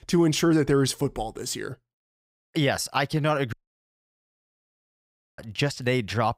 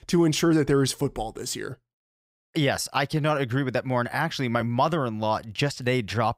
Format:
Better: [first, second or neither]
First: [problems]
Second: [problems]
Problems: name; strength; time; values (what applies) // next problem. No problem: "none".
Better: second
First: audio cutting out; at 3.5 s for 2 s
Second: none